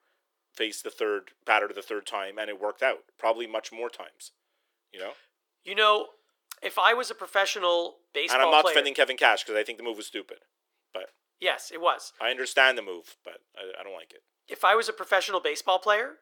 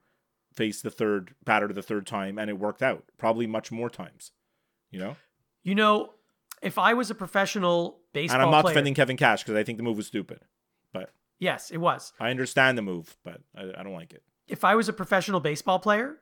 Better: second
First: thin; very; fading below 350 Hz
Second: none

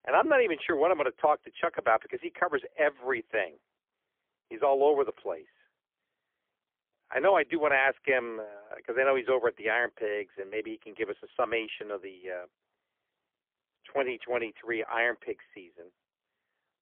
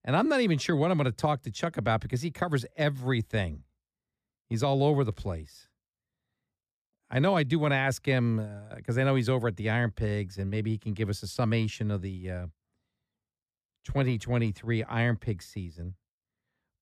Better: second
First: phone-call audio; poor line; nothing above 3.5 kHz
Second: none

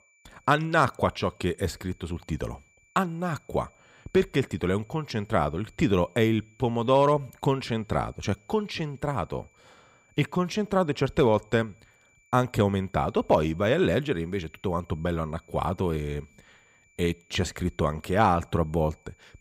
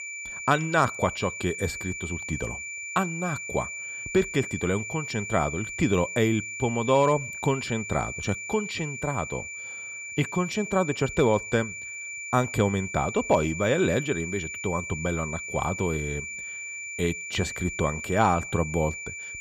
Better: first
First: high-pitched whine; faint; throughout; 2.5 kHz, 35 dB below the speech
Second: high-pitched whine; loud; throughout; 2.5 kHz, 7 dB below the speech

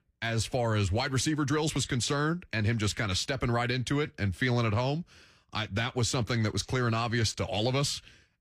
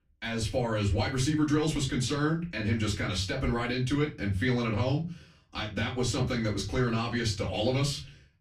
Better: first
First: none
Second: off-mic speech; far // room echo; very slight; dies away in 0.2 s

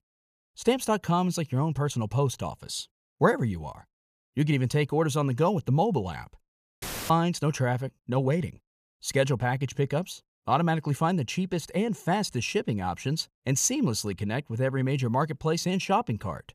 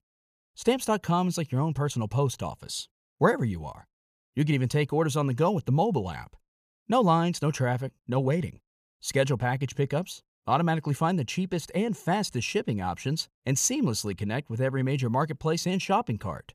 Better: second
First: audio cutting out; filled with static; at 7 s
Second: none

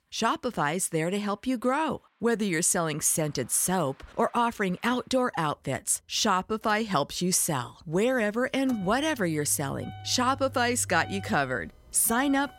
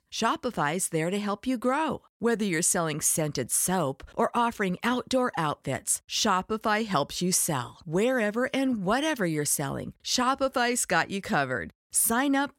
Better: second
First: traffic noise; noticeable; throughout; 20 dB below the speech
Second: none

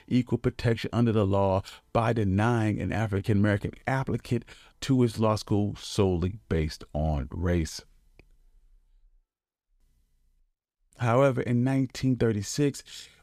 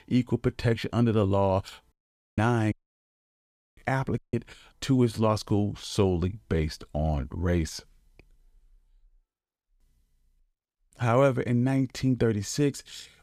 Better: first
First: none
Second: audio cutting out; at 2 s, at 2.5 s for 1 s and at 4 s

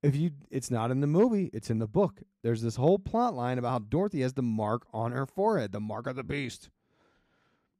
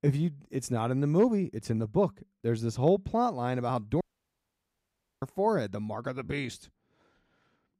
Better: first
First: none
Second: audio cutting out; at 4 s for 1 s

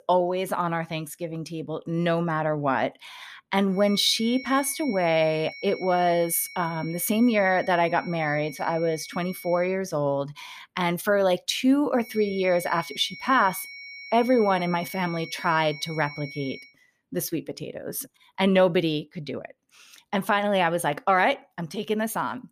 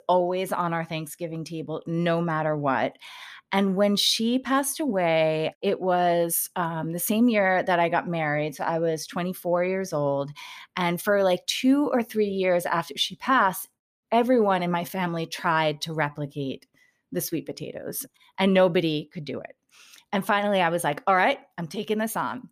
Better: second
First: high-pitched whine; noticeable; from 4 to 9.5 s and from 12 to 17 s; 2 kHz, 15 dB below the speech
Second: none

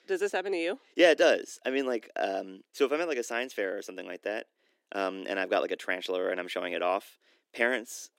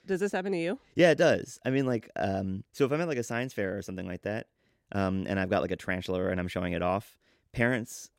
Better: second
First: thin; somewhat; fading below 300 Hz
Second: none

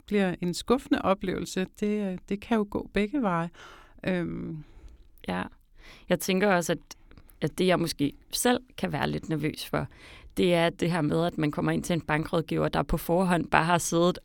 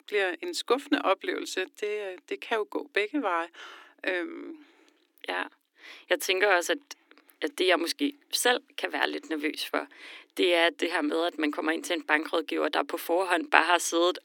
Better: first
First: none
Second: thin; somewhat; fading below 300 Hz

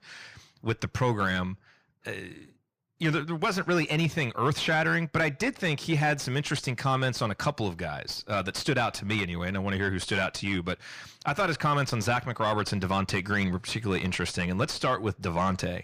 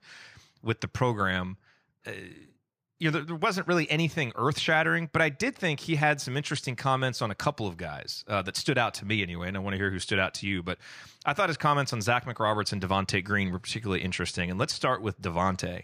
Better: second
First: distortion; slight; 10 dB below the speech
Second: none

